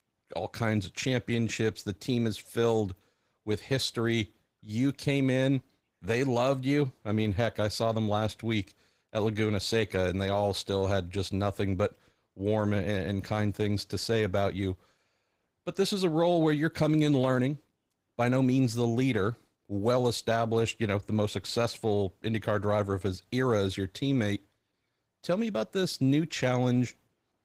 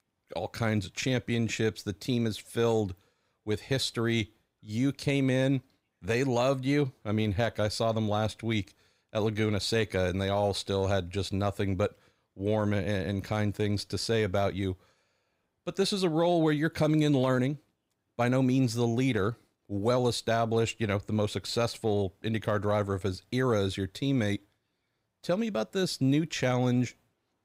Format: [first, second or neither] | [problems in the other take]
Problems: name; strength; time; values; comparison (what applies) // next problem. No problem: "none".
second | garbled, watery; slightly; nothing above 15.5 kHz